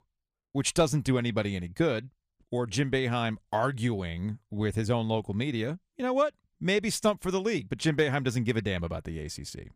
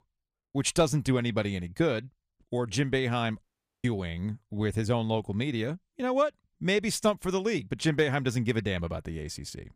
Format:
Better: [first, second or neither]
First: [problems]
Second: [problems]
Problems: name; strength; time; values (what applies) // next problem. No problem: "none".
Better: first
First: none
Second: audio cutting out; at 3.5 s